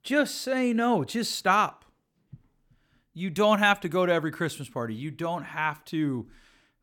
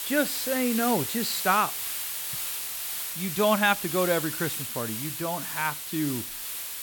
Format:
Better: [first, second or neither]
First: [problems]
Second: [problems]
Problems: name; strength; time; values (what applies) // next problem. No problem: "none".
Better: first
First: none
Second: hiss; loud; throughout; 3 dB below the speech